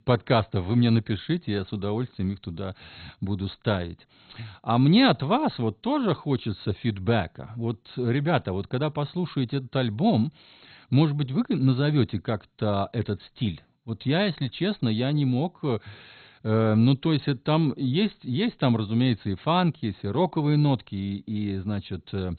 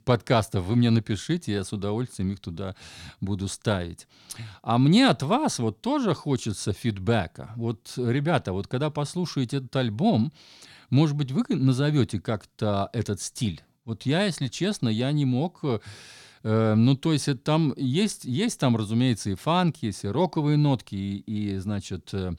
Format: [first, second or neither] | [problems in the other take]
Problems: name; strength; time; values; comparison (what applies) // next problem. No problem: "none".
second | garbled, watery; badly; nothing above 4 kHz